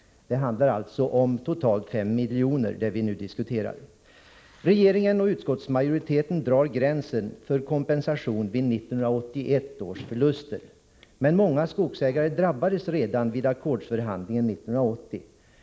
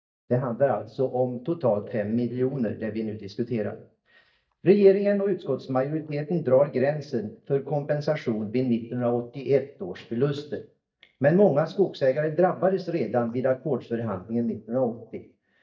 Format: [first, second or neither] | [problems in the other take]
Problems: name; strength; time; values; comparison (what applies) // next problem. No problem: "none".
first | noise reduction (neural mask model DeepFilterNet 3)